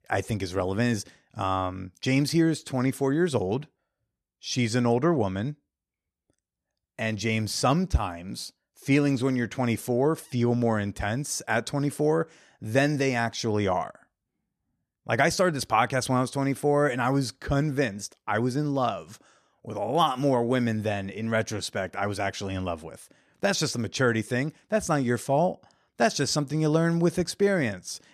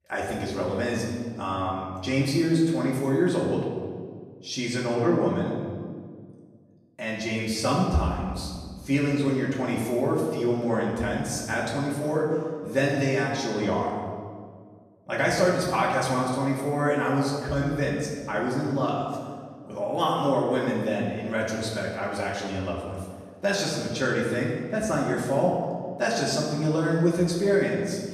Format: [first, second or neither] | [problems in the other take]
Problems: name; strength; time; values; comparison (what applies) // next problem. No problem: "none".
first | off-mic speech; far // room echo; noticeable; dies away in 1.4 s